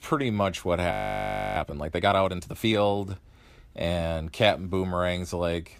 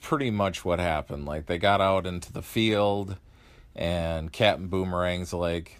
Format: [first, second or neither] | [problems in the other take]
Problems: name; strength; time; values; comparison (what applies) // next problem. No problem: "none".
second | audio freezing; at 1 s for 0.5 s